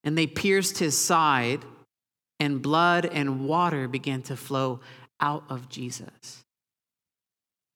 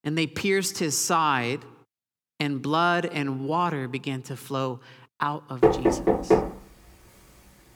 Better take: first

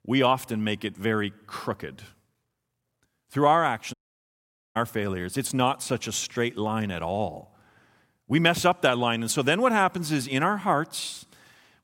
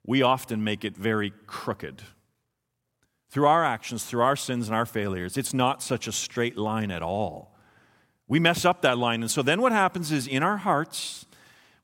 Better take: second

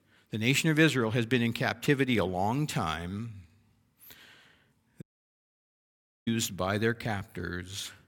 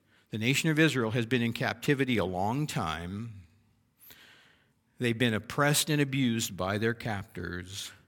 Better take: second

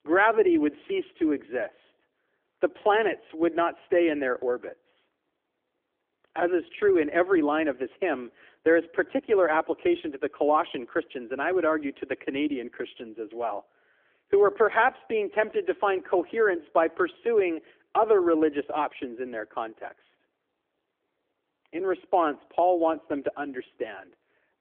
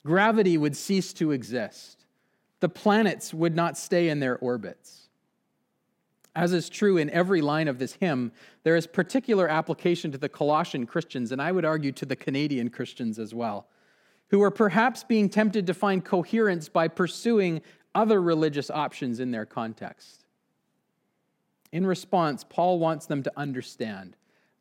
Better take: second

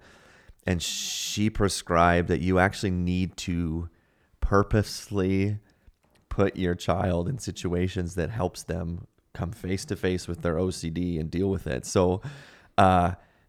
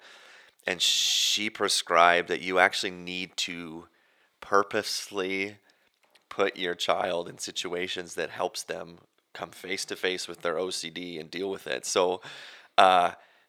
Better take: first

